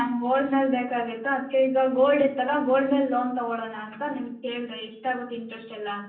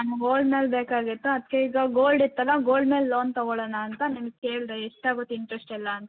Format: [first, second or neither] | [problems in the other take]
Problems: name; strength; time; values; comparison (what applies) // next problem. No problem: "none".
second | room echo; dies away in 0.6 s